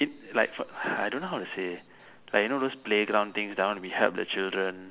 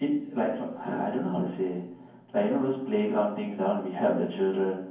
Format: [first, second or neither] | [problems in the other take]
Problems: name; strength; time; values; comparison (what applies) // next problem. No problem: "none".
first | room echo; dies away in 0.9 s